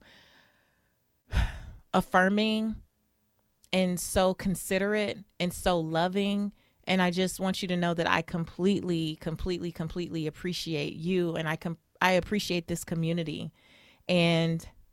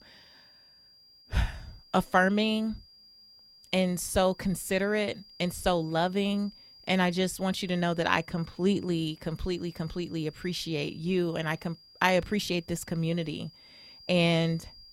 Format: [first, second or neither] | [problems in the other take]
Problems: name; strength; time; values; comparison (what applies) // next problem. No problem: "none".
first | high-pitched whine; faint; throughout; 5 kHz, 25 dB below the speech